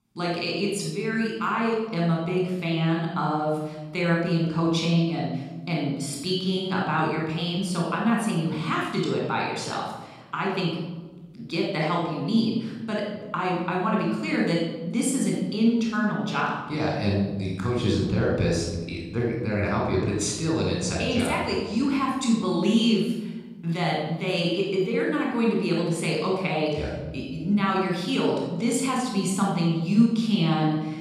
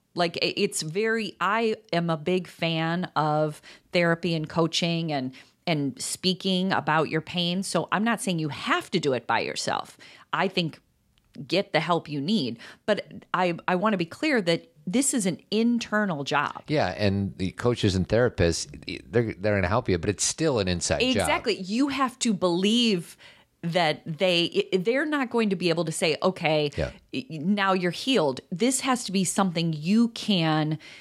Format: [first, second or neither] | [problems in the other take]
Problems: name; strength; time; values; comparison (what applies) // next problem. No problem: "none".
second | off-mic speech; somewhat distant // room echo; noticeable; dies away in 1.1 s